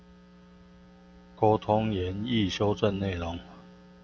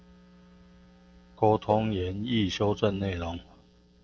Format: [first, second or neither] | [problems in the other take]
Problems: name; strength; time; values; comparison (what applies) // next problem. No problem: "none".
first | noise reduction (neural separator model SepFormer DNS4)